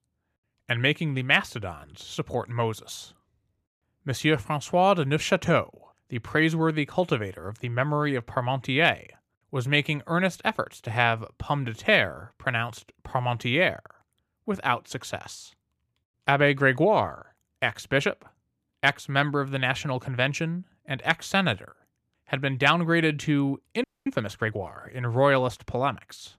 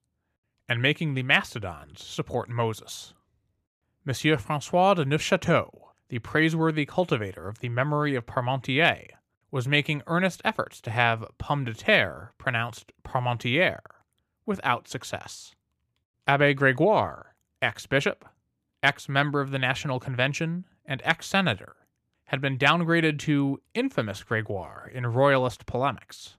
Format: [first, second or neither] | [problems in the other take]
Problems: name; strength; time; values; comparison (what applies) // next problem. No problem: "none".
second | audio freezing; at 24 s